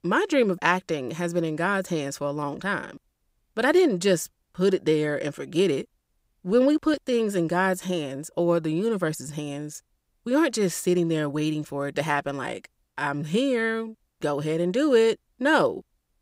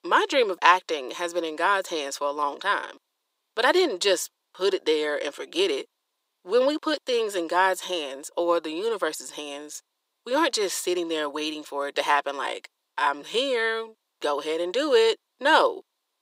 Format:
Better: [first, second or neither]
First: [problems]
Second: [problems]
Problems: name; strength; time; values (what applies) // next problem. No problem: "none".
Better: first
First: none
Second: thin; very; fading below 350 Hz